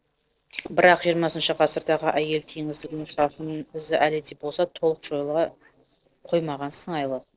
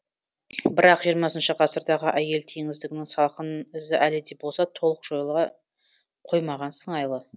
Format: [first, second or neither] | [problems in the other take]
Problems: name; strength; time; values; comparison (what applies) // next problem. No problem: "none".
second | noise reduction (neural separator model SepFormer DNS4)